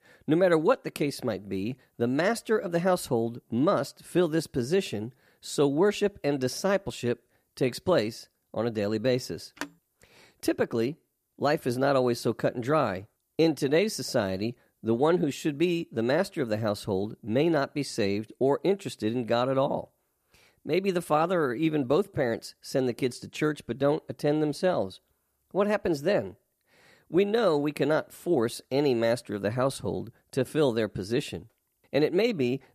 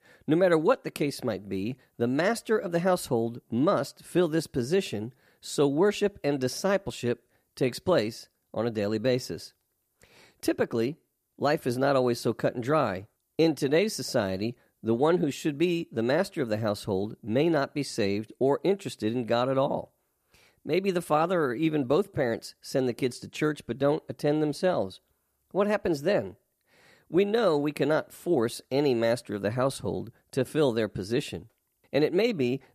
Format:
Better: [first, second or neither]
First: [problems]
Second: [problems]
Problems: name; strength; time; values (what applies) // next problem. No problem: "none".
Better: second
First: phone ringing; faint; at 9.5 s; peak 15 dB below the speech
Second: none